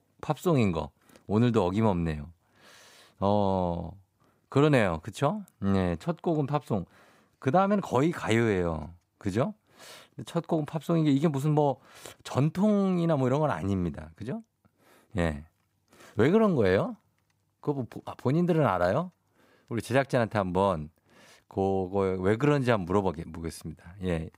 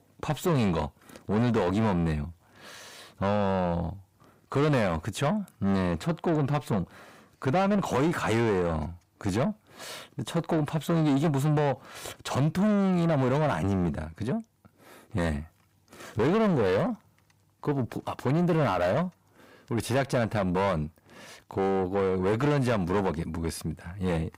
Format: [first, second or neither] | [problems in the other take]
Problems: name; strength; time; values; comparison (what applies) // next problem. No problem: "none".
first | distortion; heavy; 7 dB below the speech